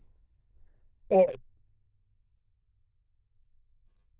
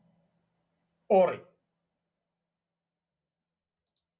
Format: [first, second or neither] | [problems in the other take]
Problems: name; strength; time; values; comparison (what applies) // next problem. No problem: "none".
second | noise reduction (neural diffusion model UNIVERSE++)